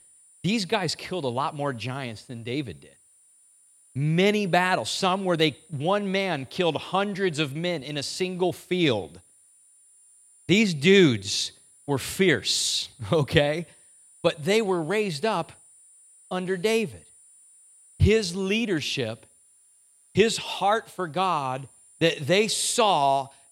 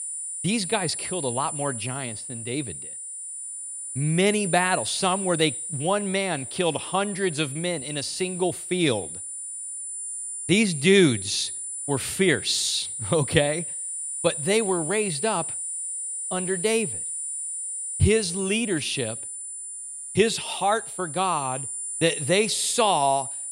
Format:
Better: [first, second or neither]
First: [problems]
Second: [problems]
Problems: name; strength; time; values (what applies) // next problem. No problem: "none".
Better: first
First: high-pitched whine; faint; throughout; 9.5 kHz, 30 dB below the speech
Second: high-pitched whine; loud; throughout; 9.5 kHz, 6 dB below the speech